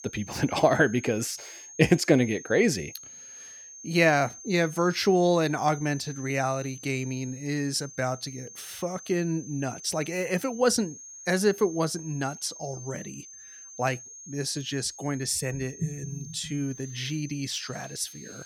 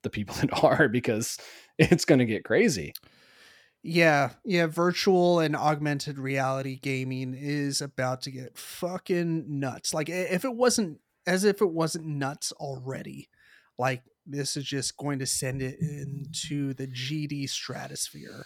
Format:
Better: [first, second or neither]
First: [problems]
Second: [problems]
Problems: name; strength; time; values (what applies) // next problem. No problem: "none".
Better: second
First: high-pitched whine; noticeable; throughout; 6 kHz, 15 dB below the speech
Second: none